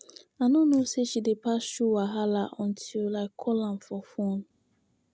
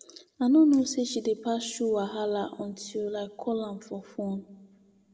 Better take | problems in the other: first | room echo; dies away in 0.6 s

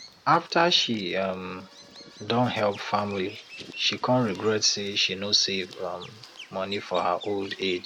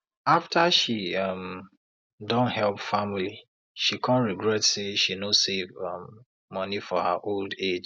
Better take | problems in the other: second | background sound (Bird vocalization, bird call, bird song); 19 dB below the speech

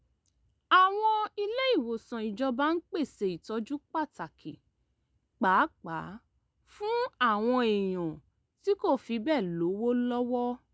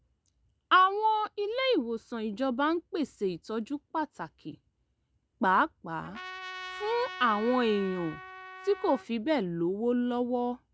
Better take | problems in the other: first | background sound (Trumpet); 13 dB below the speech

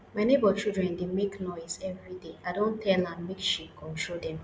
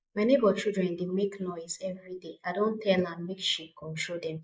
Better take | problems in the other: first | noise reduction (neural mask model Resemble Enhance denoiser)

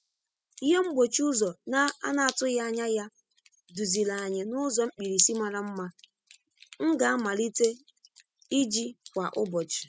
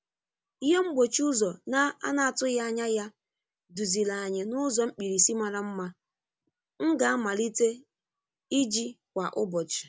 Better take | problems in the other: second | noise reduction (classical method spectral subtraction)

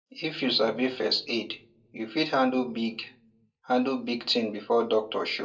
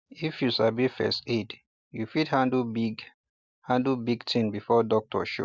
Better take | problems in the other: second | room echo; dies away in 0.2 s

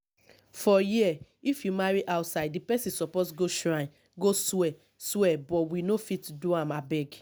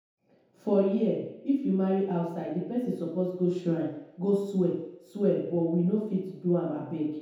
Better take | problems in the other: first | room echo; dies away in 0.8 s

